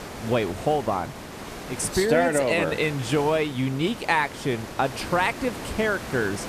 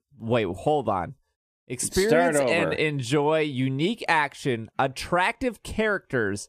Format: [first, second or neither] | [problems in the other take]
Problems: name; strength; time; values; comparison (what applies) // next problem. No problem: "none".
second | hiss; noticeable; throughout; 10 dB below the speech